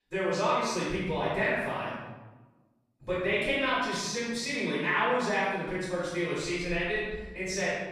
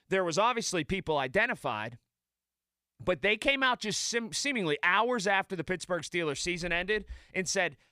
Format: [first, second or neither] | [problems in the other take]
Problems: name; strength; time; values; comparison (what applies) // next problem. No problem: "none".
second | off-mic speech; far // room echo; strong; dies away in 1 s